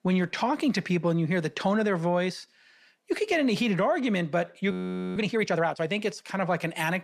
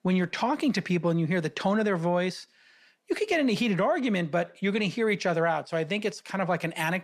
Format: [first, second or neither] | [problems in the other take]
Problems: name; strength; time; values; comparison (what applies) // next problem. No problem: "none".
second | audio freezing; at 4.5 s